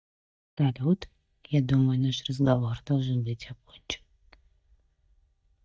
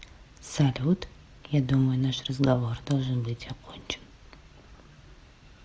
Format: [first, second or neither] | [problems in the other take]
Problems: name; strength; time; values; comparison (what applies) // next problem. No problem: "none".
second | noise reduction (neural mask model DeepFilterNet 3)